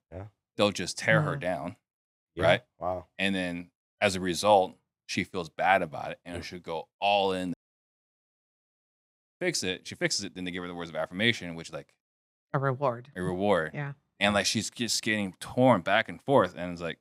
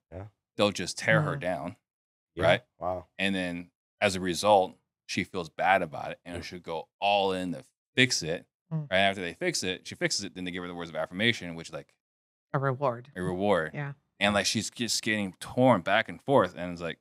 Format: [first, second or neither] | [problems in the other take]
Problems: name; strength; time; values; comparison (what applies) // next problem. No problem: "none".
second | audio cutting out; at 7.5 s for 2 s